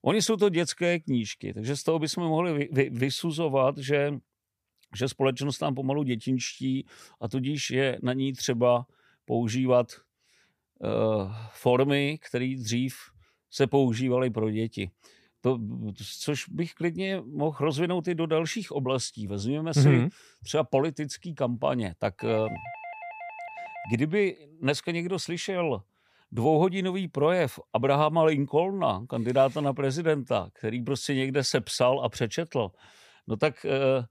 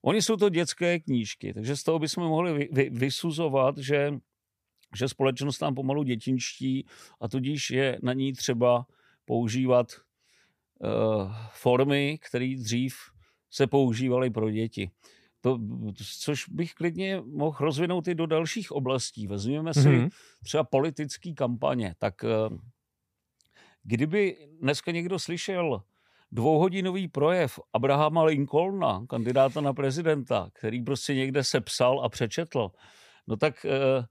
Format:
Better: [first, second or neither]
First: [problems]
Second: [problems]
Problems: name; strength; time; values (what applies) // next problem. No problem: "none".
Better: second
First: doorbell; faint; from 22 to 24 s; peak 10 dB below the speech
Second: none